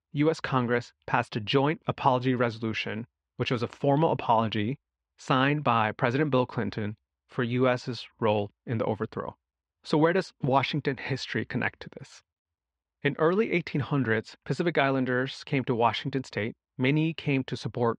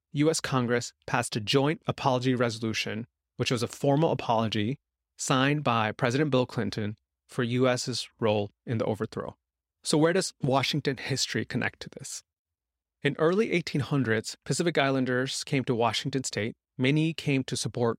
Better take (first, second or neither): second